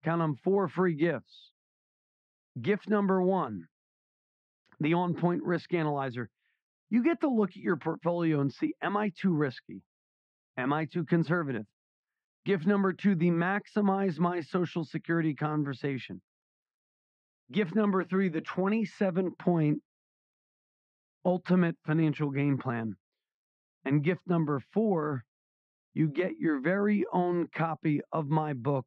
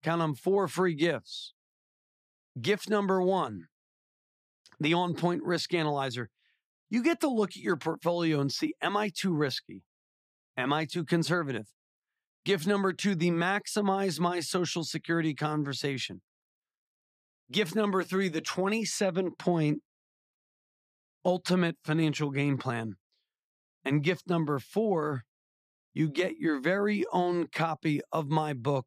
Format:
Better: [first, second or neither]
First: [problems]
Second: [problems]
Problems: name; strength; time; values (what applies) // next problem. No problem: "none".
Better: second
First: muffled; very; fading above 2 kHz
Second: none